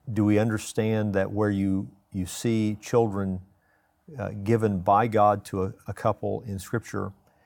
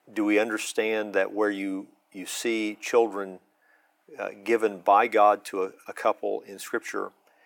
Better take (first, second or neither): first